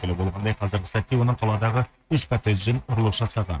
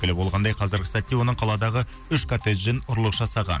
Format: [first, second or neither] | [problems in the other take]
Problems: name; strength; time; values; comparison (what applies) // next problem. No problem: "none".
second | noise reduction (neural mask model RNNoise)